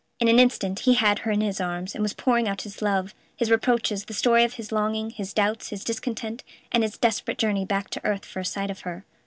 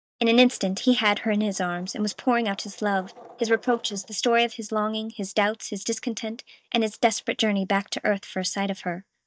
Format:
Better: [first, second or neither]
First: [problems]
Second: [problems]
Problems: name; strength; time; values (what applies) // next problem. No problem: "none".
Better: first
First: none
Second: noise reduction (neural mask model DeepFilterNet 3)